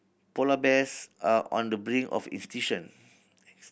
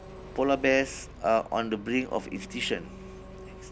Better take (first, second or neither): first